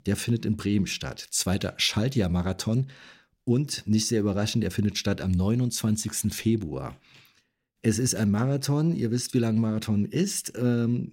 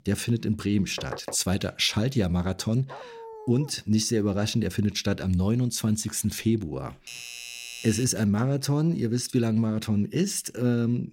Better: first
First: none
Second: door banging; faint; at 1 s; peak 10 dB below the speech // dog barking; faint; at 3 s; peak 15 dB below the speech // doorbell; faint; from 7 to 8 s; peak 10 dB below the speech

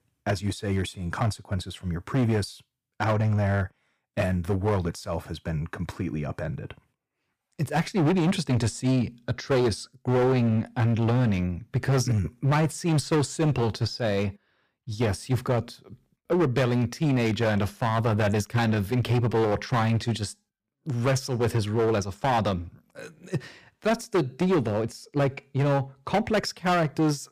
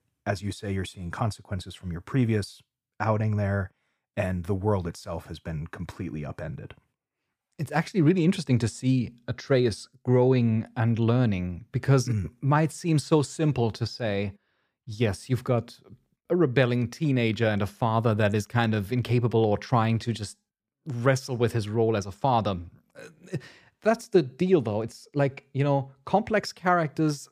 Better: second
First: distortion; heavy; 11% of the sound clipped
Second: none

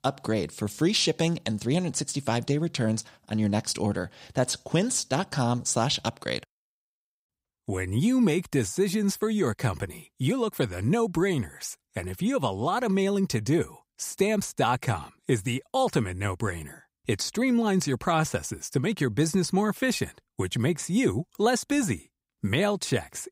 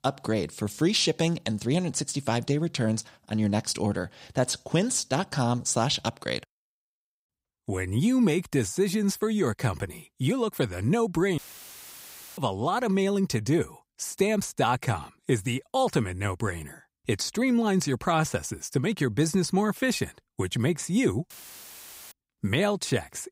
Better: first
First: none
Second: audio cutting out; filled with static; at 11 s for 1 s and at 21 s for 1 s

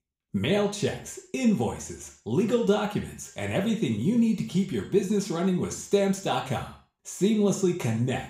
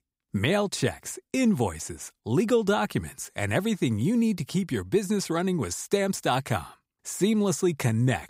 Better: second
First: room echo; slight; dies away in 0.5 s // off-mic speech; somewhat distant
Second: none

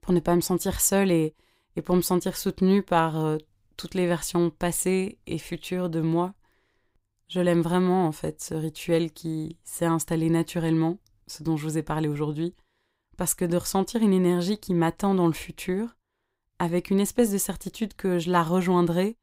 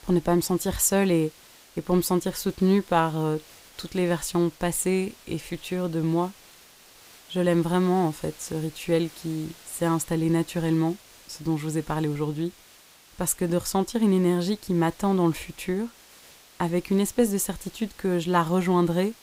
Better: first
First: none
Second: hiss; faint; throughout; 25 dB below the speech

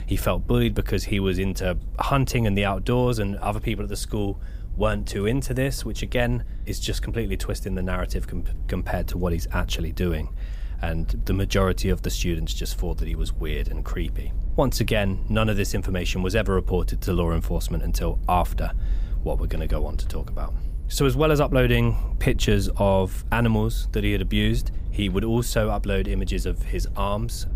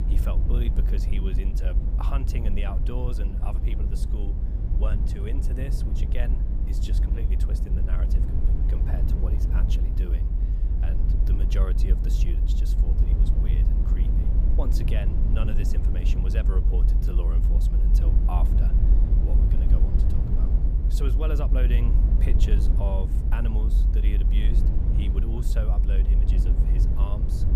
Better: first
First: low rumble; faint; throughout; 25 dB below the speech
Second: low rumble; loud; throughout; 1 dB below the speech

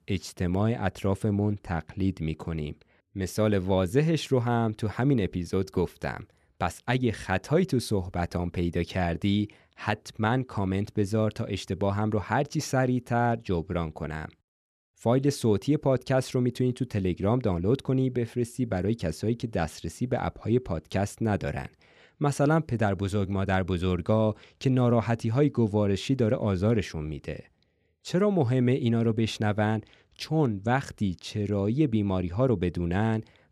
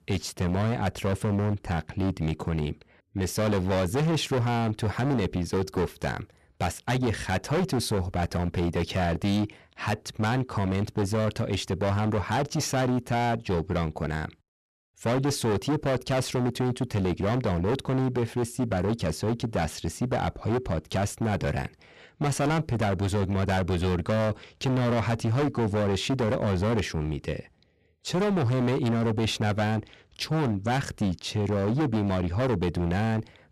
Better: first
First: none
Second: distortion; heavy; 22% of the sound clipped

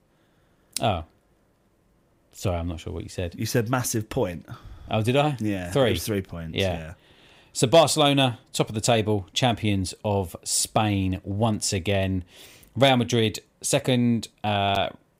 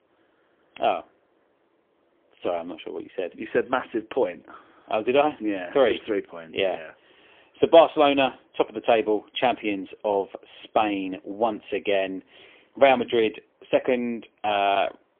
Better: first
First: none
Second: phone-call audio; poor line; nothing above 3.5 kHz

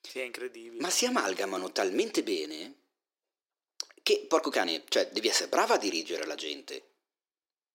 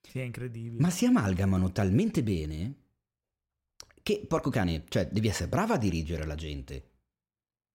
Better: second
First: thin; very; fading below 350 Hz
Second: none

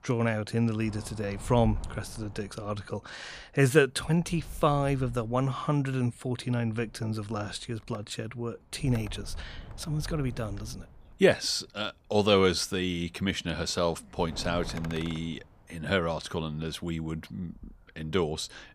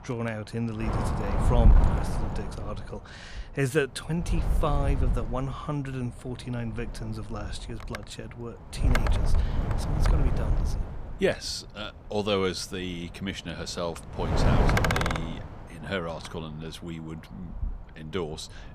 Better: first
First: wind noise on the microphone; occasional gusts; 20 dB below the speech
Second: wind noise on the microphone; heavy; as loud as the speech

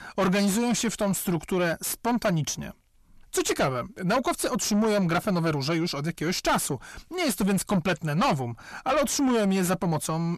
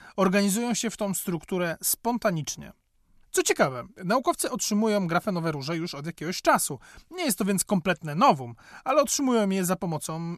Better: second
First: distortion; heavy; 6 dB below the speech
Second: none

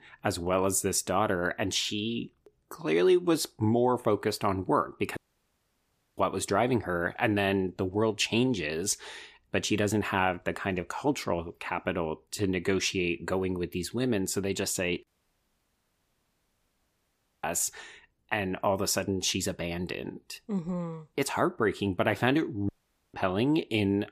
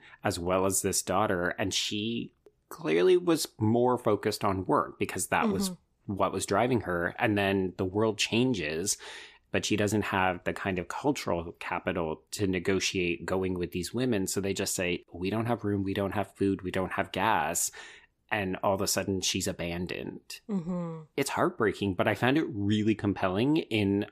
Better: second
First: audio cutting out; at 5 s for 1 s, at 15 s for 2.5 s and at 23 s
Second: none

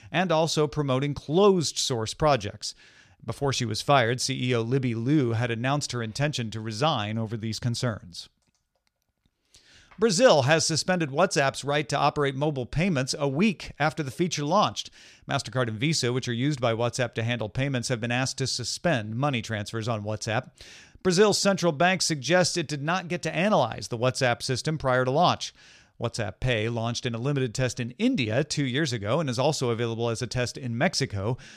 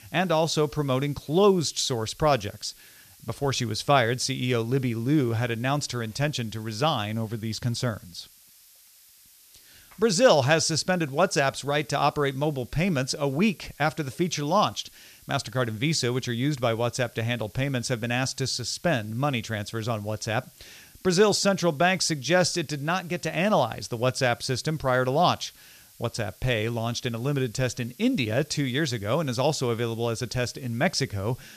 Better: first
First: none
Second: hiss; faint; throughout; 25 dB below the speech

